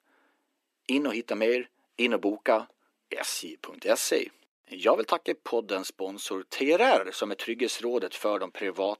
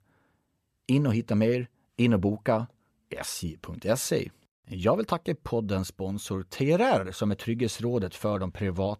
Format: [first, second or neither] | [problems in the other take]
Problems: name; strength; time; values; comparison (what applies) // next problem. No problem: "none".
second | thin; somewhat; fading below 300 Hz